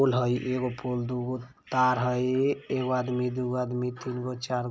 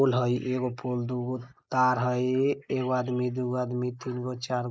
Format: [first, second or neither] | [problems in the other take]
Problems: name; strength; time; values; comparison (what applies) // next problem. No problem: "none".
first | noise reduction (neural mask model Resemble Enhance denoiser)